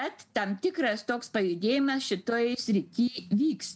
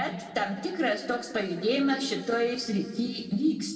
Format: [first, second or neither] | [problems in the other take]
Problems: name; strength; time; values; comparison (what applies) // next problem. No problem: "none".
first | room echo; dies away in 2 s